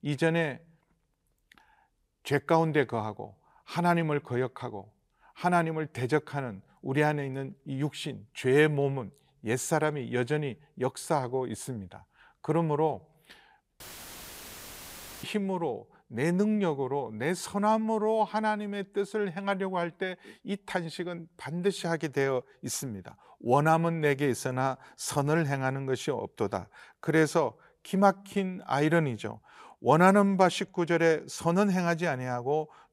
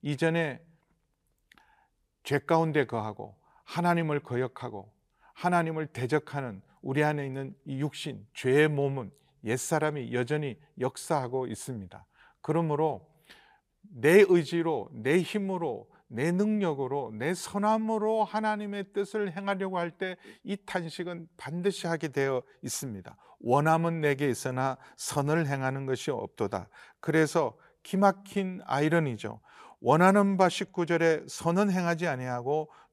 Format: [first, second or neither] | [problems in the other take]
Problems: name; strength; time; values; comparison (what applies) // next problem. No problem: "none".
second | audio cutting out; filled with static; at 14 s for 1.5 s